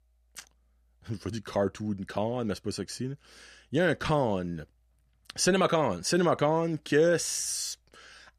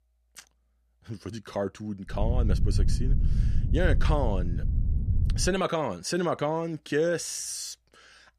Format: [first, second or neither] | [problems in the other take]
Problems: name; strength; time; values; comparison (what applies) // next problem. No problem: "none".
first | low rumble; noticeable; from 2 to 5.5 s; 15 dB below the speech